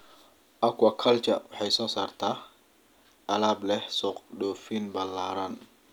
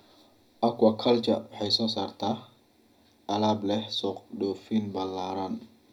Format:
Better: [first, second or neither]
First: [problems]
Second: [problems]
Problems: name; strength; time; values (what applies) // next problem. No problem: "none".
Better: first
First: none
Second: room echo; dies away in 0.4 s